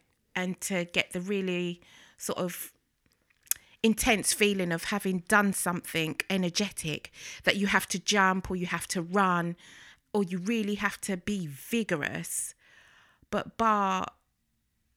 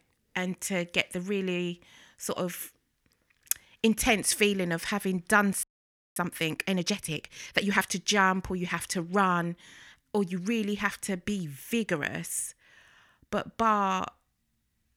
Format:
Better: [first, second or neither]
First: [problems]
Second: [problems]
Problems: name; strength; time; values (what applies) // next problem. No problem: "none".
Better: first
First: none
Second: audio freezing; at 5.5 s for 0.5 s